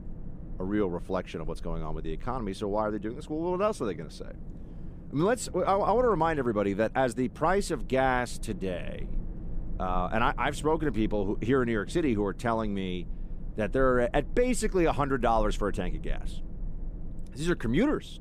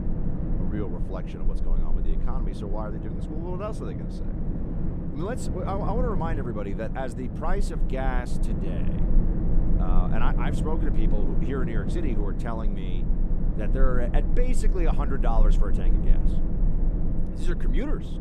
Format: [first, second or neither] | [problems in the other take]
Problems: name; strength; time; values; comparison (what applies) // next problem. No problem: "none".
first | low rumble; loud; throughout; 5 dB below the speech; faint in the first